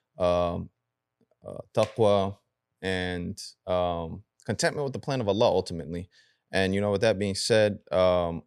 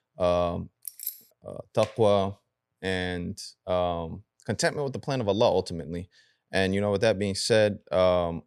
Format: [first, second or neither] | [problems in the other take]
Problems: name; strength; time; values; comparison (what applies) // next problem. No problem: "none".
first | jangling keys; noticeable; at 1 s; peak 8 dB below the speech